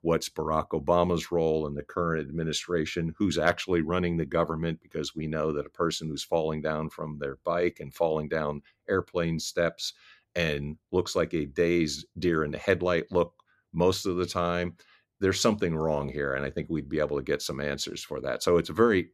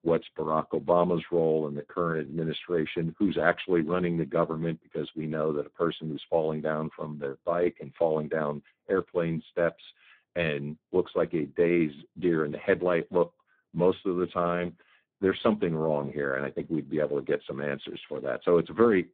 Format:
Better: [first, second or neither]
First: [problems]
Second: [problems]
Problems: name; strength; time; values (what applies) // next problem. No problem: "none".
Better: first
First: none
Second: phone-call audio; poor line; nothing above 3.5 kHz